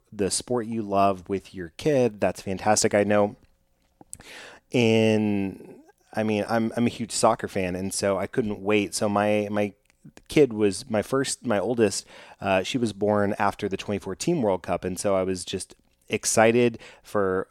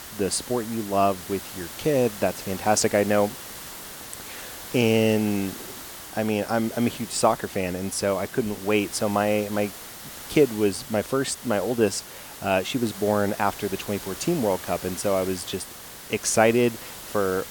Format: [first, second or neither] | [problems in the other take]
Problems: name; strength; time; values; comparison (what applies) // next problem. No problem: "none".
first | hiss; noticeable; throughout; 10 dB below the speech